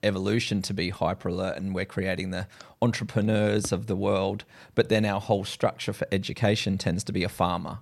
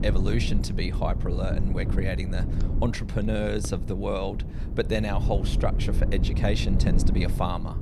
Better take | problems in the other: first | wind noise on the microphone; heavy; 9 dB below the speech

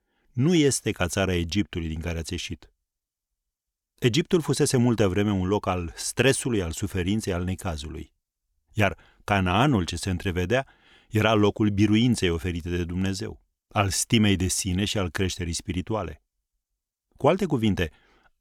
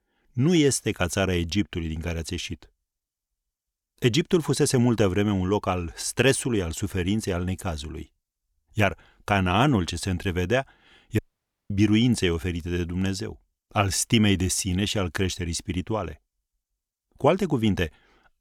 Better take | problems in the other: first | audio cutting out; at 11 s for 0.5 s

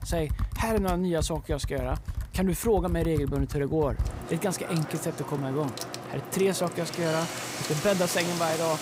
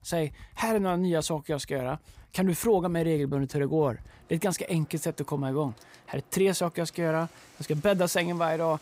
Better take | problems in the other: second | household noises; loud; throughout; 6 dB below the speech; faint in the second

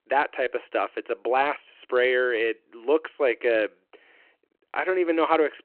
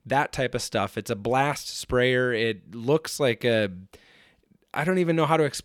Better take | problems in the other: second | phone-call audio

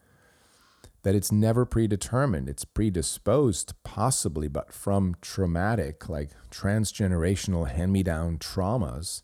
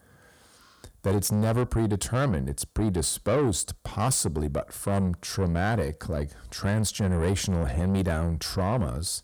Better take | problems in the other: first | distortion; slight; 10 dB below the speech

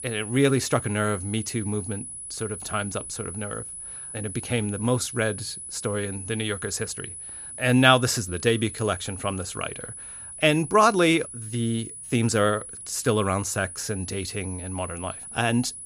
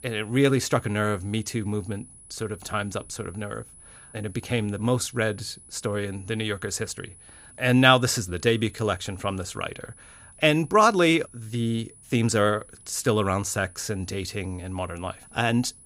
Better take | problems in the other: second | high-pitched whine; loud; throughout; 10 kHz, 10 dB below the speech; faint in the second

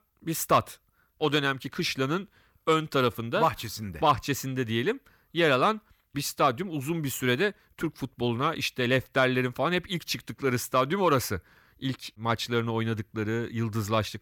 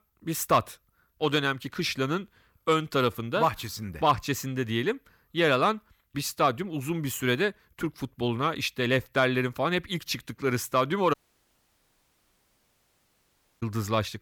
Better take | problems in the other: first | audio cutting out; at 11 s for 2.5 s

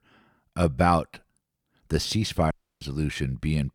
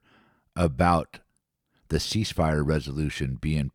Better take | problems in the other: second | audio cutting out; at 2.5 s

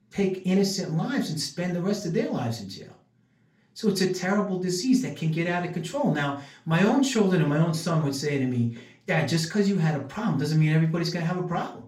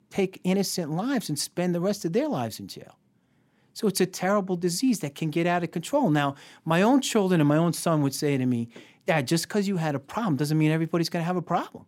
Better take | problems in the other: second | room echo; slight; dies away in 0.3 s // off-mic speech; far

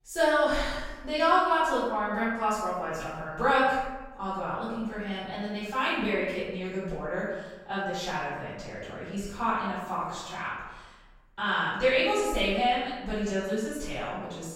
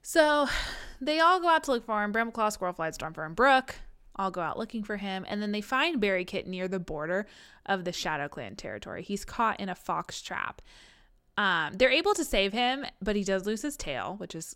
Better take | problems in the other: second | off-mic speech; far // room echo; strong; dies away in 1 s

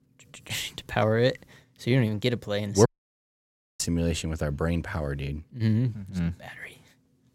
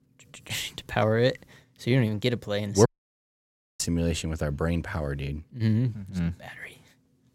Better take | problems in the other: neither | audio cutting out; at 3 s for 1 s; the same in both

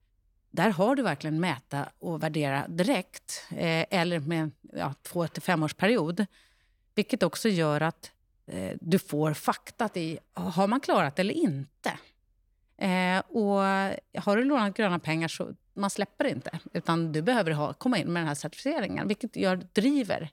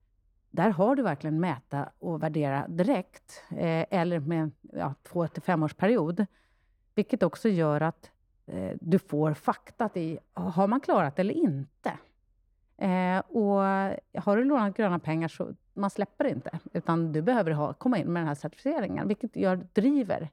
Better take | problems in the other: first | muffled; slightly; fading above 2 kHz

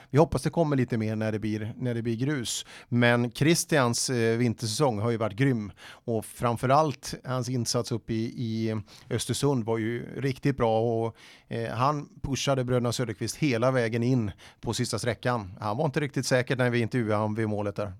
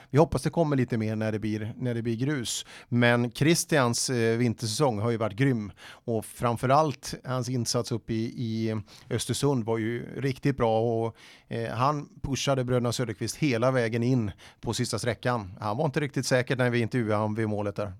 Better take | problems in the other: neither | none

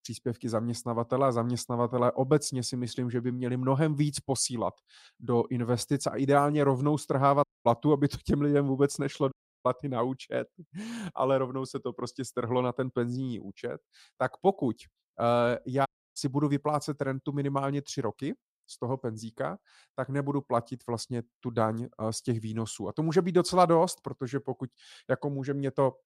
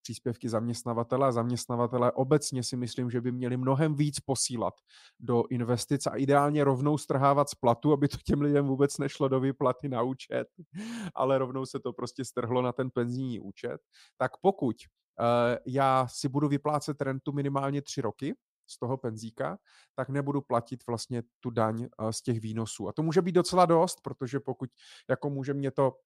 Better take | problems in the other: second | audio cutting out; at 7.5 s, at 9.5 s and at 16 s

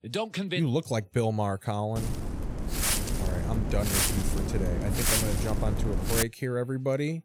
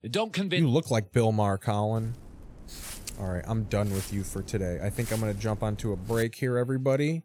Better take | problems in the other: second | wind noise on the microphone; heavy; from 2 to 6 s; 1 dB above the speech; occasional gusts in the second

